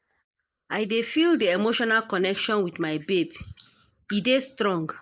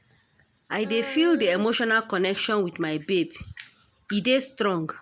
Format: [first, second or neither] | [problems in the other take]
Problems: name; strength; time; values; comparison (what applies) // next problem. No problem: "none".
second | noise reduction (neural mask model Resemble Enhance denoiser)